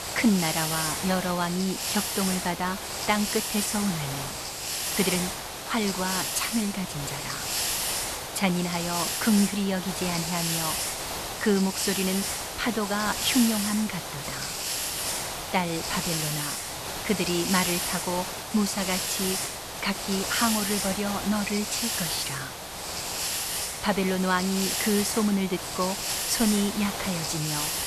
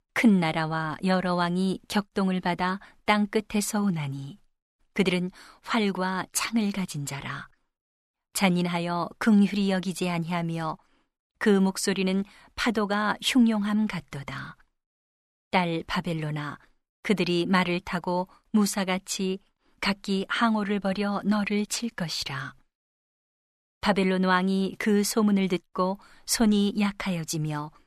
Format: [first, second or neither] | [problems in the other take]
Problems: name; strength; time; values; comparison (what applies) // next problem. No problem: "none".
second | hiss; loud; throughout; 1 dB below the speech